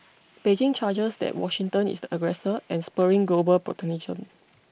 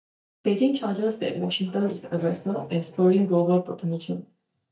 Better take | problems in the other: first | noise reduction (neural mask model DeepFilterNet 3)

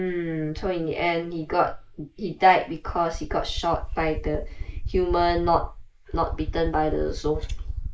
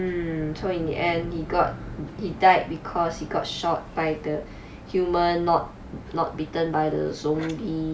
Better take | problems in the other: second | noise reduction (neural mask model Resemble Enhance denoiser)

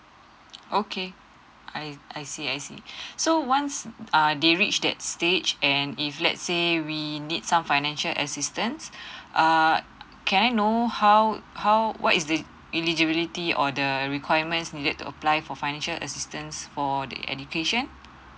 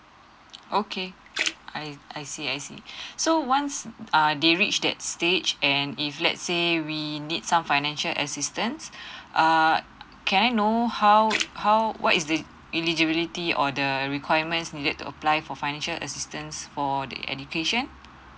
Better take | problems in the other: first | background sound (Splash, splatter); 13 dB below the speech

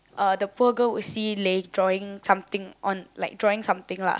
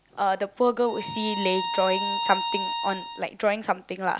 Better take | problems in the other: first | background sound (Bowed string instrument); 4 dB below the speech

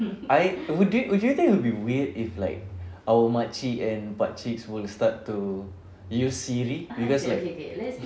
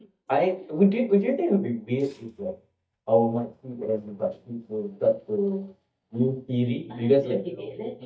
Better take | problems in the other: first | noise reduction (neural mask model DeepFilterNet 3)

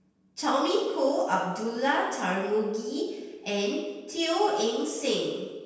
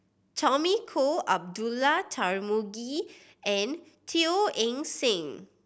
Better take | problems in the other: second | room echo; dies away in 1.2 s

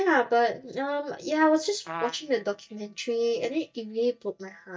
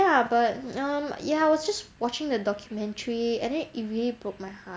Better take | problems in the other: second | noise reduction (neural mask model DeepFilterNet 3)

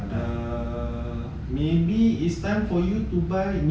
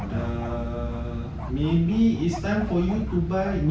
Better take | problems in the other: first | background sound (Bark); 19 dB below the speech

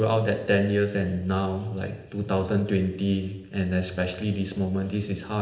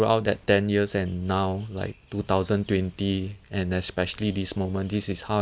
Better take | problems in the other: second | room echo; dies away in 0.8 s

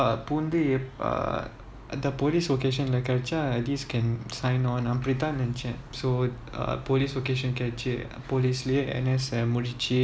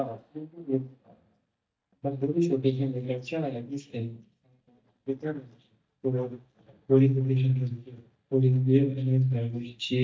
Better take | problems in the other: first | noise reduction (neural mask model DeepFilterNet 3)

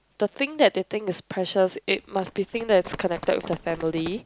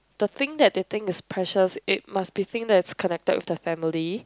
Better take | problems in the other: second | background sound (Run); 16 dB below the speech

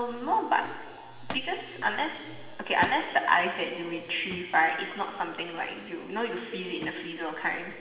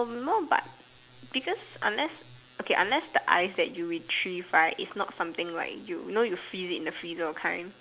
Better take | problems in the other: second | background sound (Thump, thud); 17 dB below the speech // room echo; dies away in 1.6 s

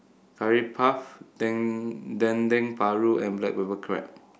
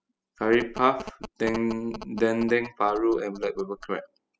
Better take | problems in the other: first | noise reduction (classical method spectral subtraction)

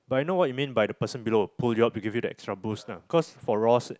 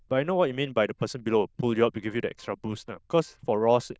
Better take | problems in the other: first | noise reduction (neural diffusion model UNIVERSE++)

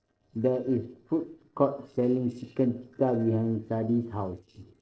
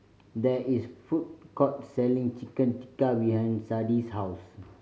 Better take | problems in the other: second | noise reduction (neural separator model SepFormer DNS4)

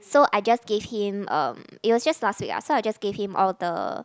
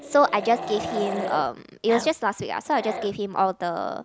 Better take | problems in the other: first | background sound (Growling); 10 dB below the speech

